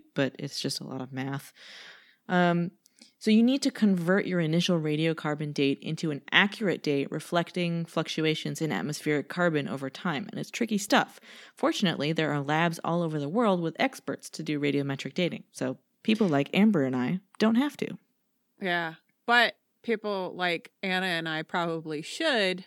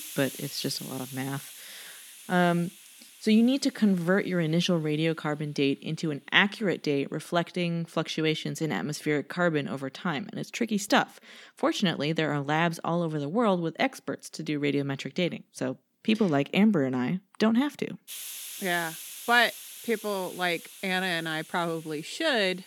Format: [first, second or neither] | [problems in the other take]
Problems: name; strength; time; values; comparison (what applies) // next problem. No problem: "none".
first | hiss; noticeable; throughout; 15 dB below the speech